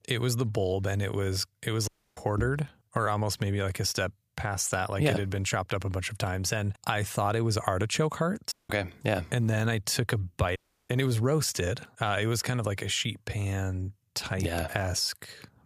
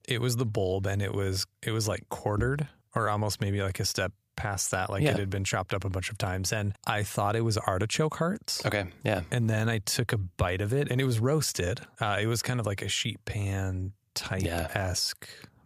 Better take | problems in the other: second | audio cutting out; at 2 s, at 8.5 s and at 11 s

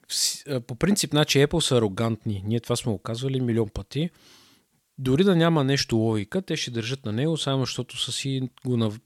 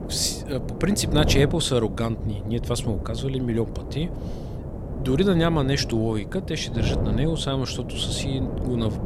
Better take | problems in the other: first | wind noise on the microphone; heavy; 9 dB below the speech

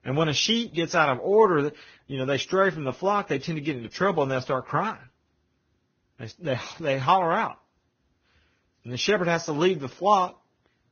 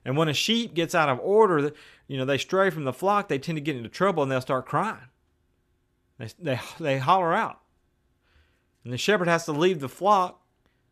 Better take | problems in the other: second | garbled, watery; badly; nothing above 6.5 kHz

